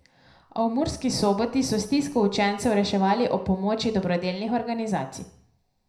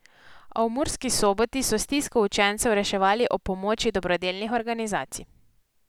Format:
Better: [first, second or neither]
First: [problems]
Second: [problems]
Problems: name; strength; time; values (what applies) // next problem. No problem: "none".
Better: second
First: room echo; dies away in 0.5 s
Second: none